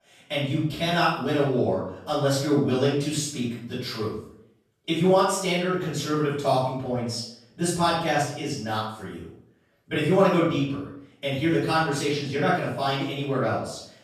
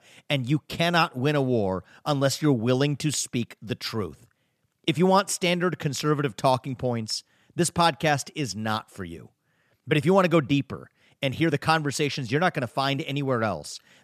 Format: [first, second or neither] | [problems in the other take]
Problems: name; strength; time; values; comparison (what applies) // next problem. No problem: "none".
second | off-mic speech; far // room echo; noticeable; dies away in 0.5 s